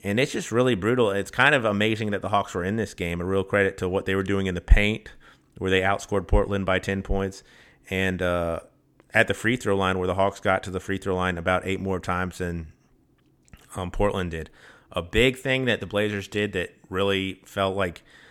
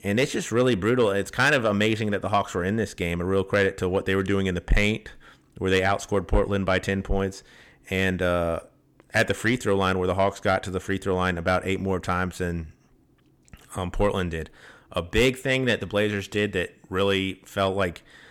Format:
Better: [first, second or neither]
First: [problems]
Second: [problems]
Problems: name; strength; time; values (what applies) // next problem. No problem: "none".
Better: first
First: none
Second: distortion; slight; 10 dB below the speech